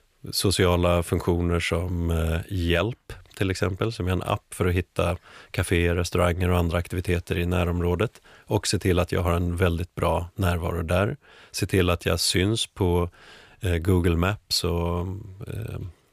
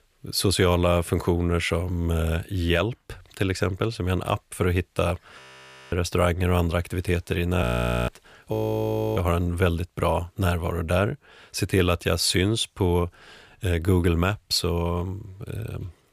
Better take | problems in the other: first | audio freezing; at 5.5 s for 0.5 s, at 7.5 s and at 8.5 s for 0.5 s

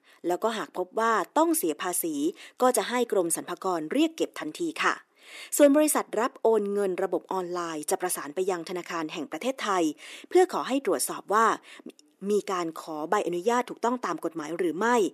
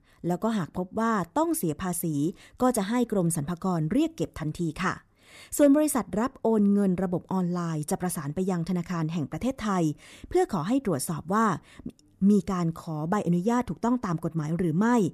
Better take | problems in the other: second | thin; somewhat; fading below 350 Hz

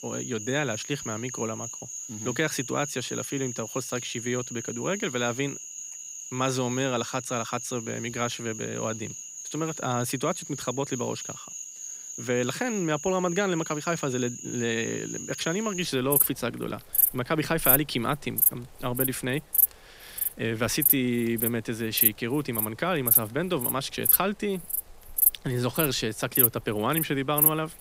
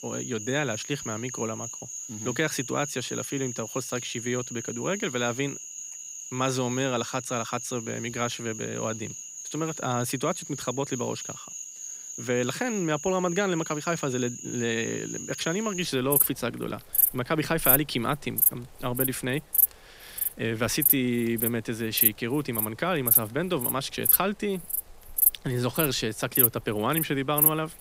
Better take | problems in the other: neither | animal sounds; very loud; throughout; 1 dB above the speech; the same in both

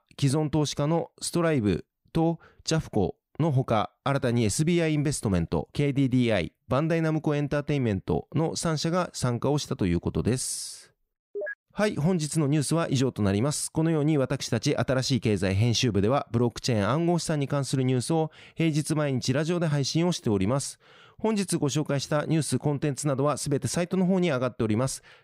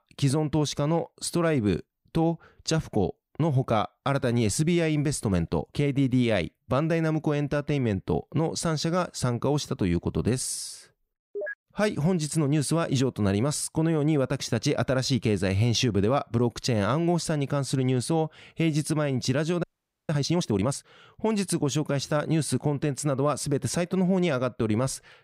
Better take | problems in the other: first | audio freezing; at 20 s

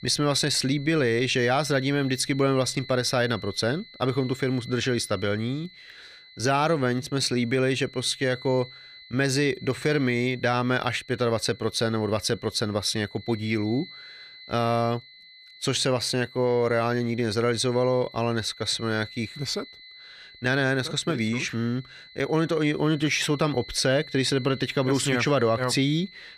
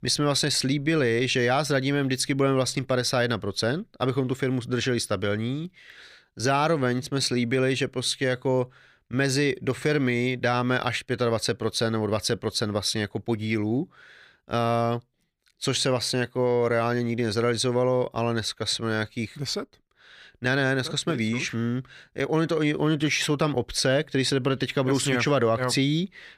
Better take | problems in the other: second | high-pitched whine; noticeable; throughout; 4 kHz, 20 dB below the speech

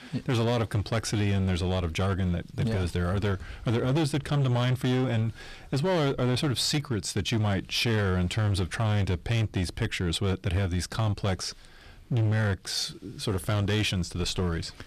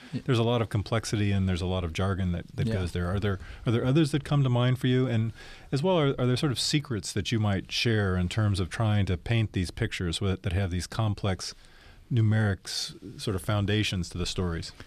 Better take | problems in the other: second | distortion; slight; 18% of the sound clipped

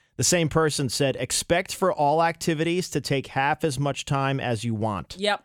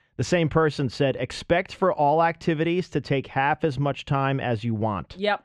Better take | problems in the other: first | muffled; slightly; fading above 3 kHz

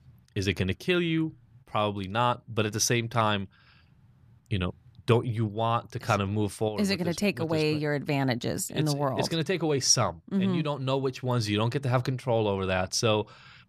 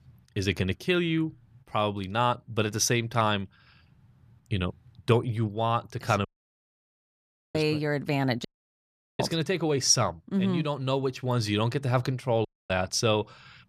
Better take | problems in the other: first | audio cutting out; at 6.5 s for 1.5 s, at 8.5 s for 0.5 s and at 12 s

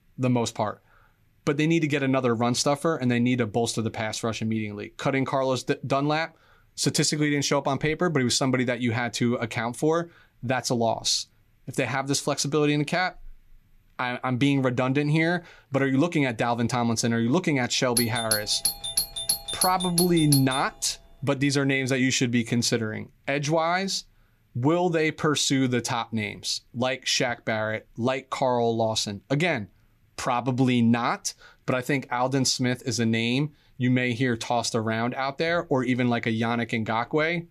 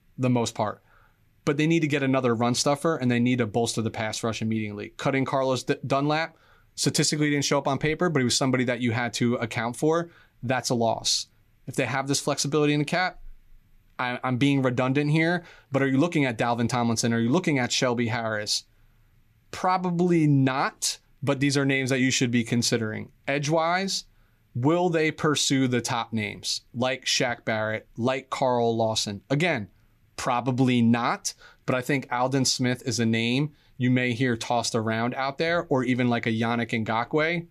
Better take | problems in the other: second | doorbell; loud; from 18 to 21 s; peak 1 dB above the speech

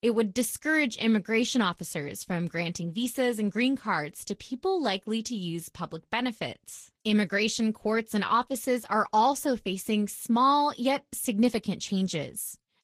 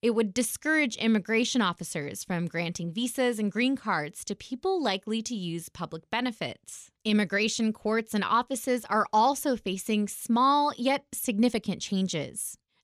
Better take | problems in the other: second | garbled, watery; slightly

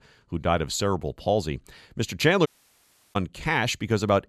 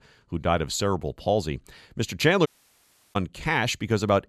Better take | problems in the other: neither | audio cutting out; at 2.5 s for 0.5 s; the same in both

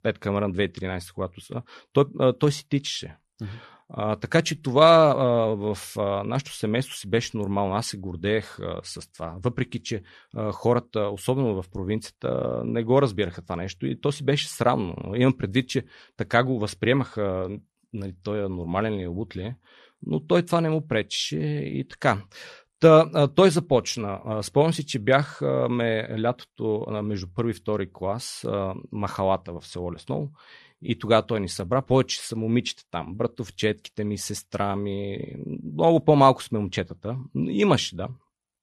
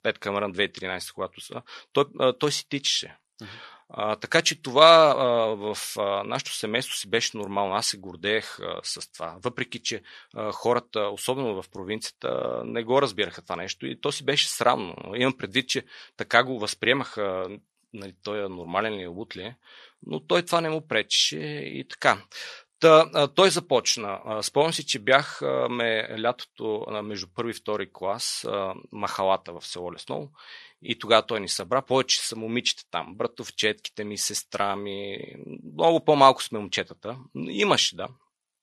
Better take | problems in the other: first | thin; somewhat; fading below 750 Hz

